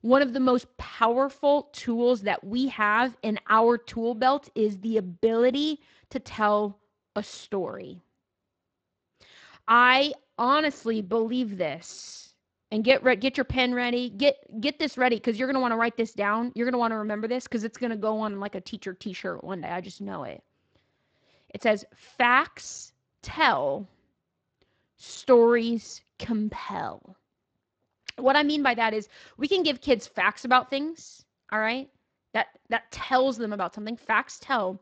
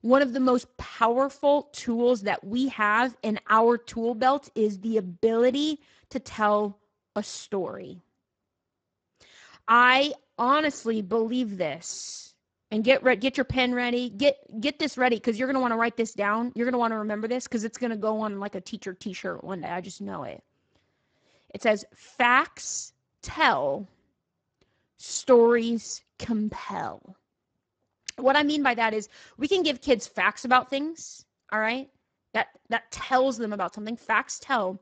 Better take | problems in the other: first | garbled, watery; badly; nothing above 7.5 kHz; slightly in the first

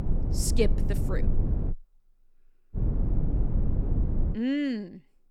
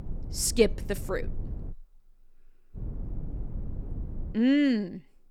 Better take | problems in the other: second | low rumble; loud; until 1.5 s and from 3 to 4.5 s; 8 dB below the speech; faint in the second

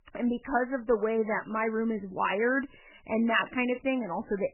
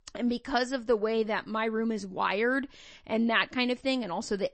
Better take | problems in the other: second | garbled, watery; badly; nothing above 3 kHz; slightly in the second

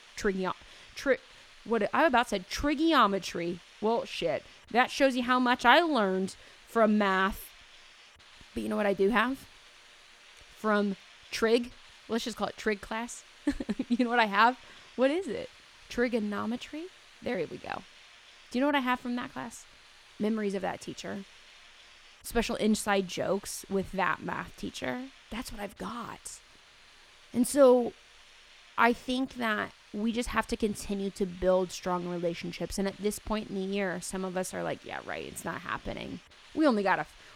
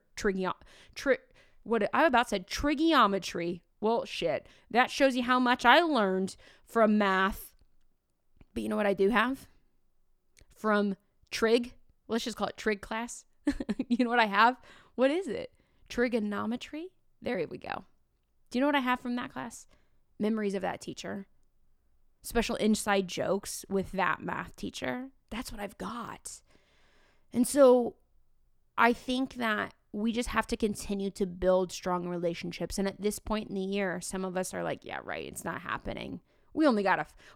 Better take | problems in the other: second | hiss; faint; throughout; 25 dB below the speech

